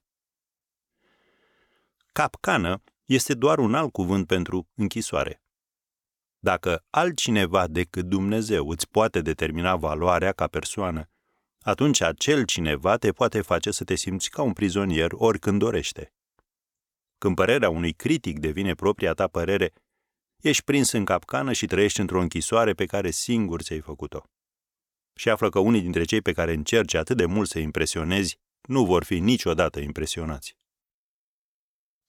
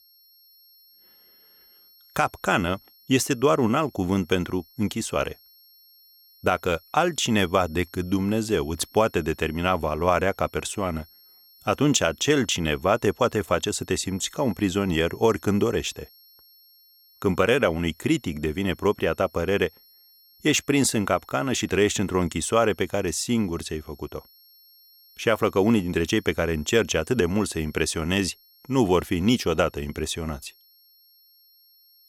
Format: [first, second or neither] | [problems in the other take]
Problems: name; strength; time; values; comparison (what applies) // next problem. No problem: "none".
first | high-pitched whine; faint; throughout; 5.5 kHz, 30 dB below the speech